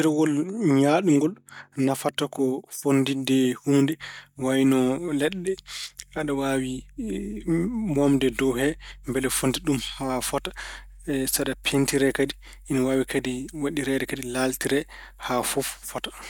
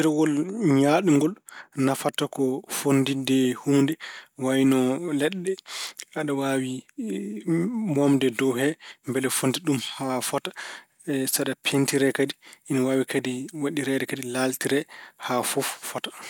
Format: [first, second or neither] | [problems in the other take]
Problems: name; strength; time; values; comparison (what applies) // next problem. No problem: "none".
second | noise reduction (neural mask model DeepFilterNet 3)